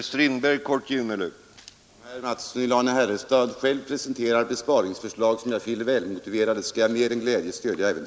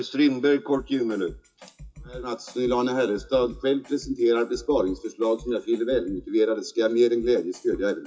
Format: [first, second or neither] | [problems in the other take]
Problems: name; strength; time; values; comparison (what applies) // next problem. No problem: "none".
first | noise reduction (classical method WPE with log-MMSE)